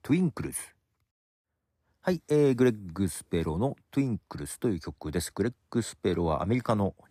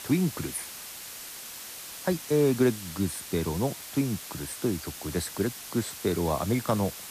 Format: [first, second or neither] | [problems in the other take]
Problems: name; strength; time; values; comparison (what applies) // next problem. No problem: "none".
first | hiss; loud; throughout; 9 dB below the speech